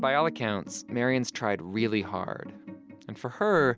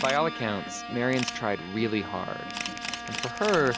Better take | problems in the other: first | background sound (Bowed string instrument + Camera); 7 dB below the speech

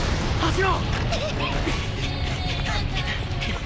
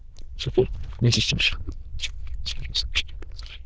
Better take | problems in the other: first | noise reduction (neural diffusion model UNIVERSE++)

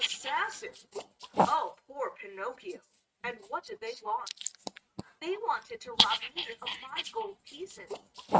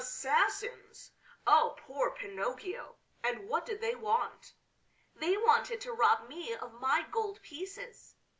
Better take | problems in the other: second | noise reduction (neural mask model RNNoise)

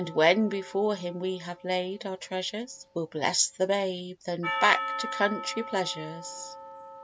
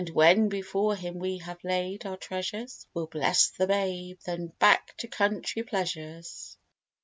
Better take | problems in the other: second | background sound (Percussion); 10 dB below the speech

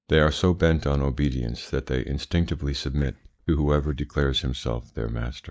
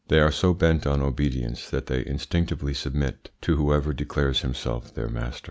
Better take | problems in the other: second | noise reduction (neural mask model DeepFilterNet 3)

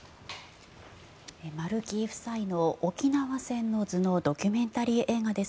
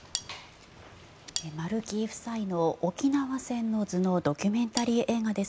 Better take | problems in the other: first | background sound (Cutlery, silverware); 10 dB below the speech

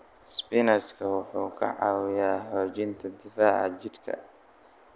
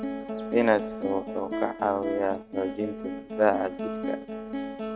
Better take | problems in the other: first | noise reduction (neural mask model RNNoise)

